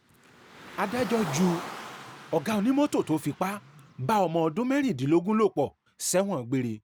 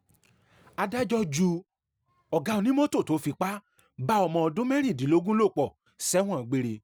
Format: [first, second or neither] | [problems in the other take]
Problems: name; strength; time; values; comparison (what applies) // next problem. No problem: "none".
second | background sound (Car); 16 dB below the speech